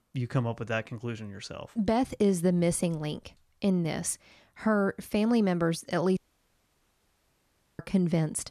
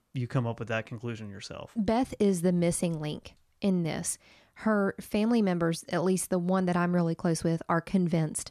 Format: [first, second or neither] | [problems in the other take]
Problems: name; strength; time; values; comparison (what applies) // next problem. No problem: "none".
second | audio cutting out; at 6 s for 1.5 s